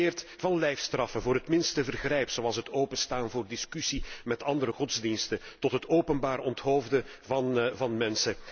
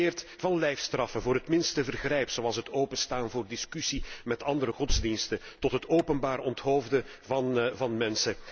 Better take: first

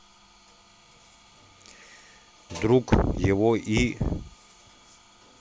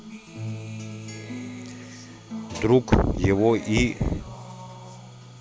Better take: first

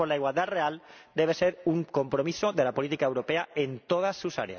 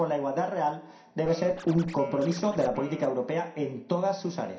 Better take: first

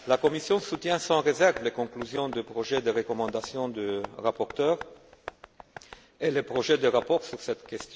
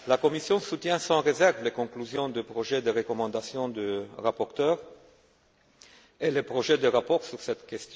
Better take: second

